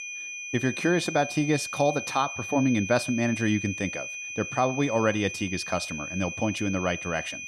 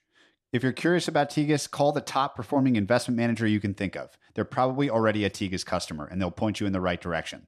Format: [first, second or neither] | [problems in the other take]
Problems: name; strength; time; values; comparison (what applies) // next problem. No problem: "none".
second | high-pitched whine; loud; throughout; 2.5 kHz, 7 dB below the speech